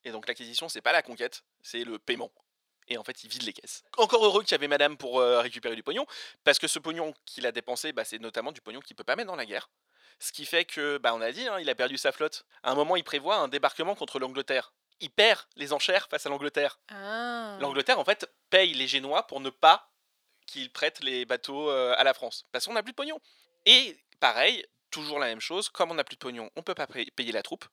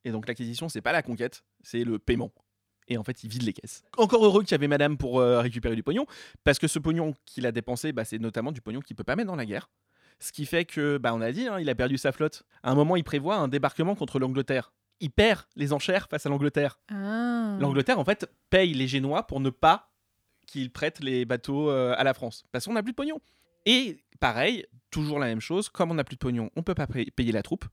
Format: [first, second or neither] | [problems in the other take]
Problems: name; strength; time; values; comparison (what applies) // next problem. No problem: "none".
second | thin; very; fading below 600 Hz